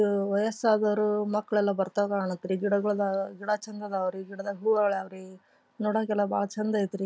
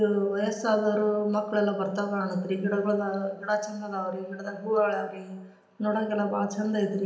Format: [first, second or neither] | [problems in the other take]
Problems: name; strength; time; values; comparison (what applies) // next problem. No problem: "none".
first | room echo; dies away in 0.8 s